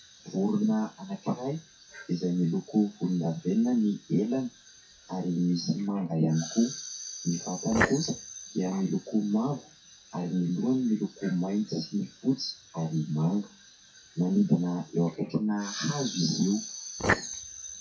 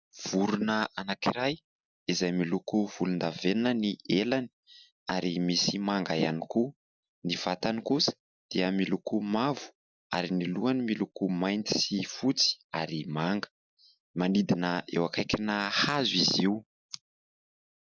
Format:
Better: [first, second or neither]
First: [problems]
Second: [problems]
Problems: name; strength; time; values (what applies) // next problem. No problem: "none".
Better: second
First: noise reduction (classical method WPE with log-MMSE)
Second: none